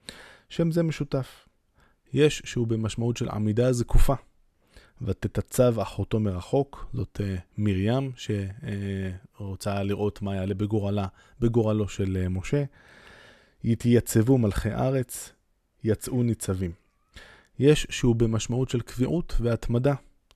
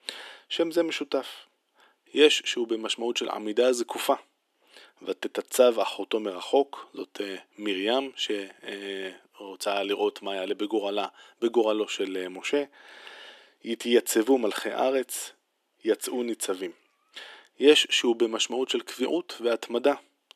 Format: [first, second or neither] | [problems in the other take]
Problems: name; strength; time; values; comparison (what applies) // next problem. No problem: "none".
first | thin; somewhat; fading below 300 Hz